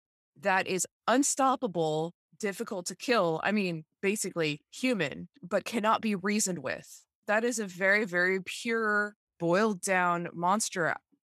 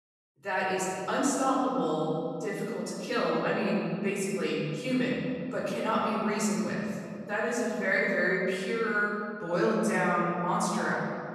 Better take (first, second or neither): first